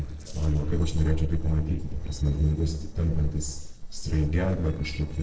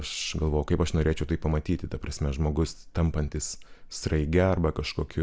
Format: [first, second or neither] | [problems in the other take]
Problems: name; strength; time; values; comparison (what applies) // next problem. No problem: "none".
second | noise reduction (neural separator model SepFormer DNS4)